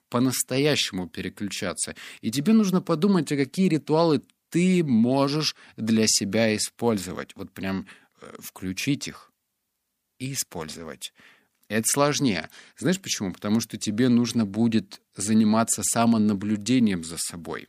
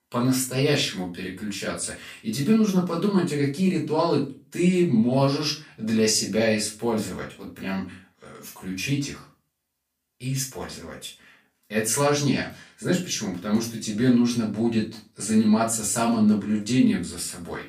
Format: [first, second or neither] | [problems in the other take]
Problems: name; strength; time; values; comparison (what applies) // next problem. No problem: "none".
first | off-mic speech; far // room echo; slight; dies away in 0.3 s